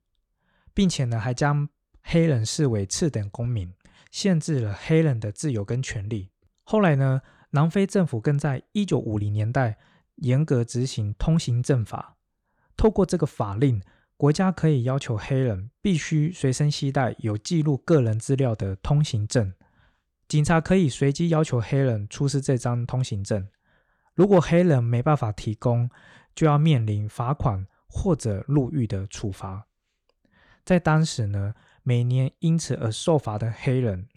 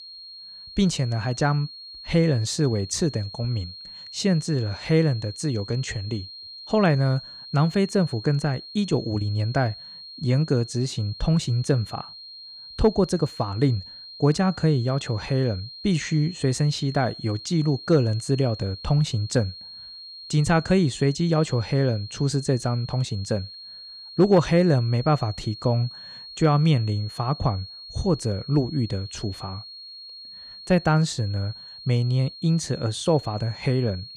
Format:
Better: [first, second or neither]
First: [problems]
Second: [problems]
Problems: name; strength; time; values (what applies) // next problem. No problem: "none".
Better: first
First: none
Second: high-pitched whine; noticeable; throughout; 4.5 kHz, 15 dB below the speech